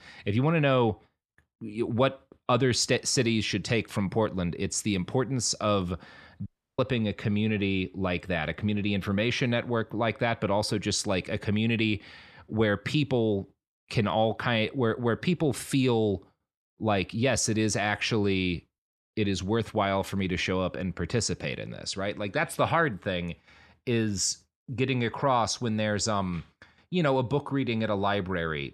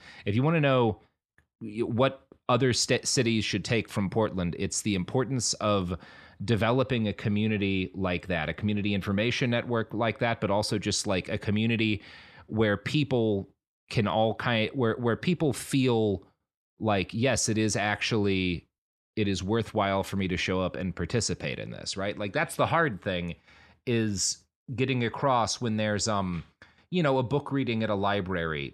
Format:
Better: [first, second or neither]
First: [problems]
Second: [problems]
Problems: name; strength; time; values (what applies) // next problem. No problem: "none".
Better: second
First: audio cutting out; at 6.5 s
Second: none